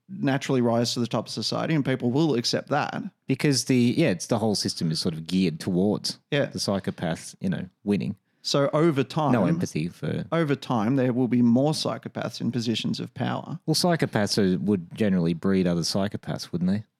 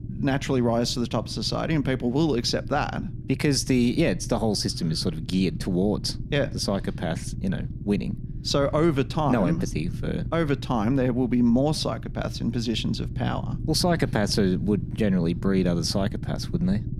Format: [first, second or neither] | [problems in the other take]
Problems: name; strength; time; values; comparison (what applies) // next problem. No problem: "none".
first | low rumble; noticeable; throughout; 20 dB below the speech